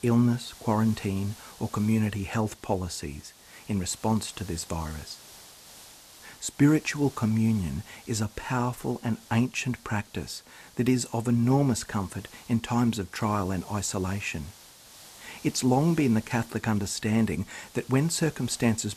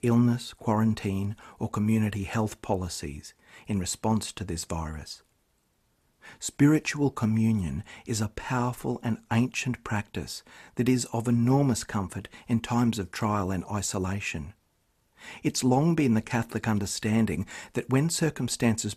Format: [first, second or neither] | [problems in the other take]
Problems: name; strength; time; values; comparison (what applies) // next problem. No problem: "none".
second | hiss; faint; throughout; 20 dB below the speech